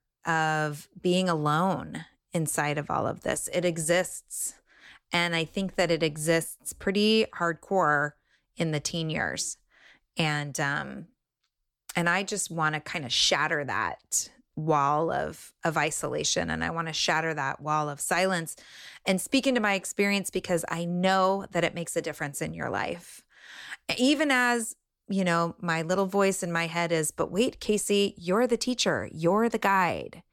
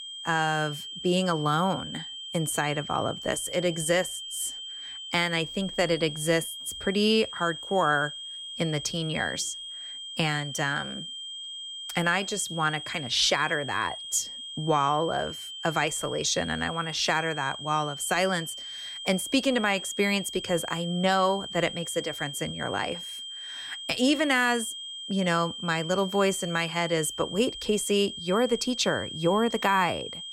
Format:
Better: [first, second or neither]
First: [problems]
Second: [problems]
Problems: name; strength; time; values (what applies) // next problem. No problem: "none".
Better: first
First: none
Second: high-pitched whine; loud; throughout; 3 kHz, 9 dB below the speech